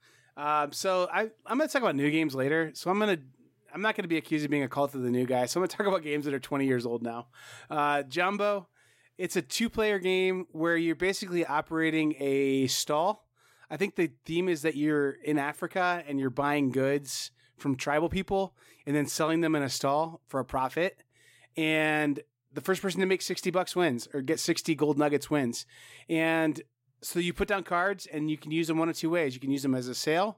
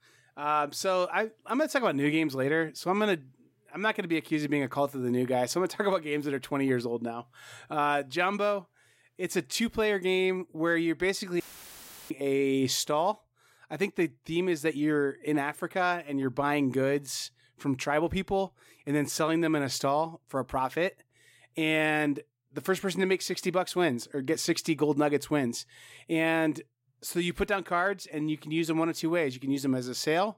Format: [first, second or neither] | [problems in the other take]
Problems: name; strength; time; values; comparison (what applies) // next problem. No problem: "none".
first | audio cutting out; filled with static; at 11 s for 0.5 s